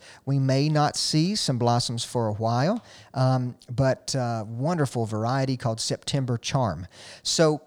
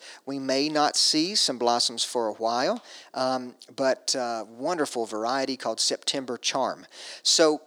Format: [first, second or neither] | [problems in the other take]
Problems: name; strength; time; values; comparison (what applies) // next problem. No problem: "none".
first | thin; somewhat; fading below 300 Hz